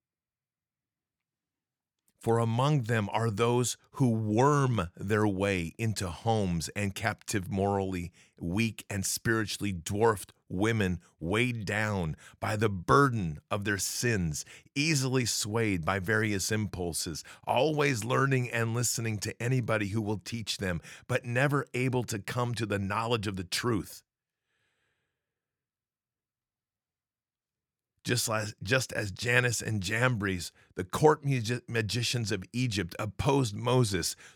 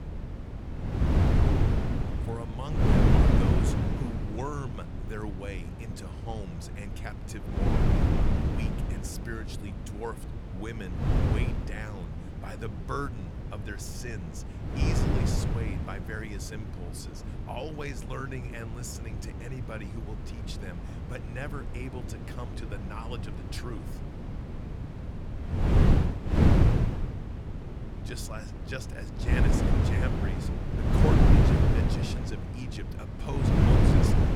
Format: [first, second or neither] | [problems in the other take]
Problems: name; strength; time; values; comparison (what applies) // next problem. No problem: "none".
first | wind noise on the microphone; heavy; 5 dB above the speech